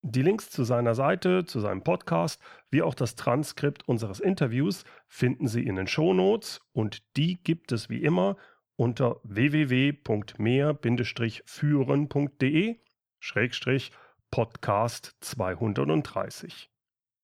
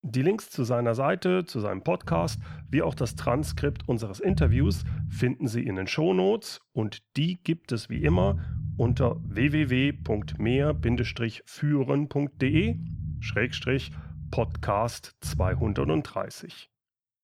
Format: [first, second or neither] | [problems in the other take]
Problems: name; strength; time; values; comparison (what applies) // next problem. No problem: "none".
first | low rumble; noticeable; from 2 to 5 s, from 7.5 to 11 s and from 12 to 16 s; 15 dB below the speech